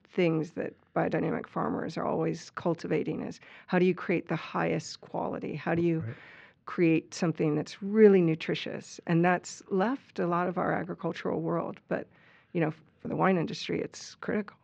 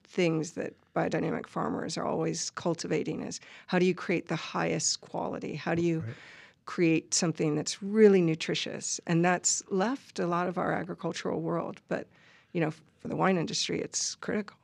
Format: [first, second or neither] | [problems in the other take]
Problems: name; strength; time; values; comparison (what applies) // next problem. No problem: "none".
second | muffled; slightly; fading above 2.5 kHz